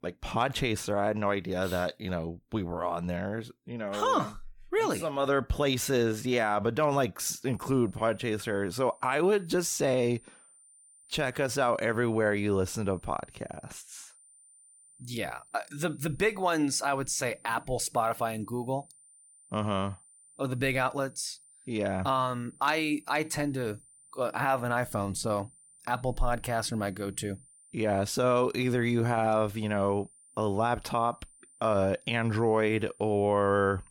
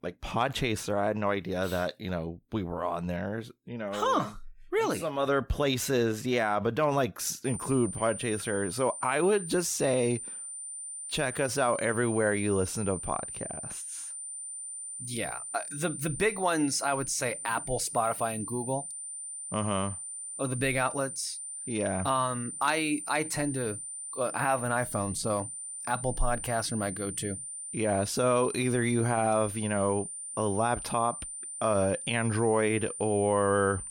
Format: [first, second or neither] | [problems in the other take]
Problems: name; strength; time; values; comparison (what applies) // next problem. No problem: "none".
first | high-pitched whine; loud; from 7.5 s on; 9 kHz, 7 dB below the speech; faint in the first